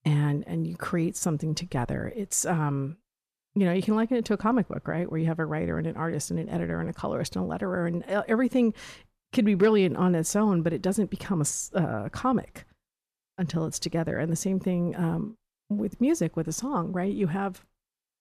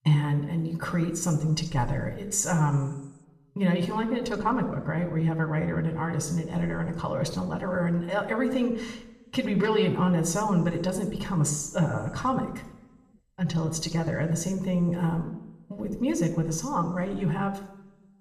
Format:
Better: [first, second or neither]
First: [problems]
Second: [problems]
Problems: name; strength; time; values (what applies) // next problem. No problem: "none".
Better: first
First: none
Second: room echo; slight; dies away in 0.7 s // off-mic speech; somewhat distant